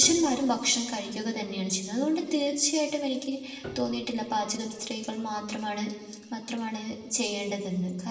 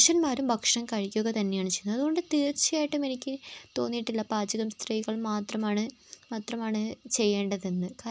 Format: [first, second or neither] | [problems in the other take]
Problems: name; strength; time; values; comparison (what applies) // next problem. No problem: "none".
second | background sound (Piano); 20 dB below the speech // room echo; dies away in 1.2 s